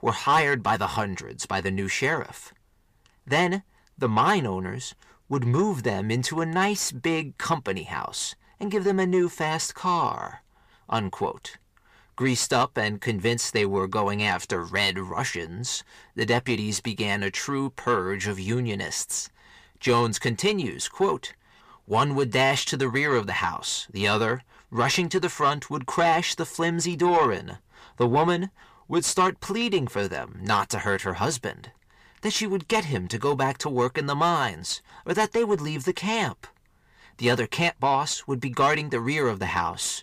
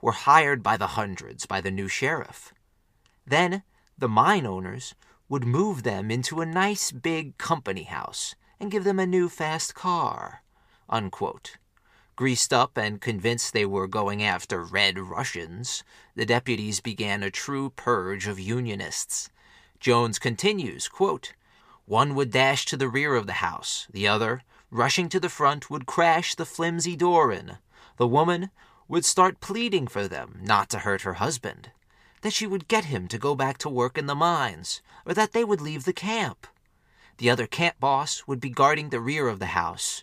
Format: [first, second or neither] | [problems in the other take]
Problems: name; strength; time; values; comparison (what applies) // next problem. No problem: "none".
second | distortion; slight; 10 dB below the speech